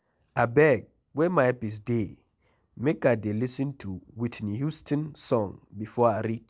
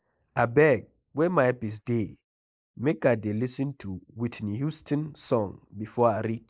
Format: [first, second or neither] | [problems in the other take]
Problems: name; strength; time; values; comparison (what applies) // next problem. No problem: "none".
first | noise reduction (neural mask model Resemble Enhance denoiser)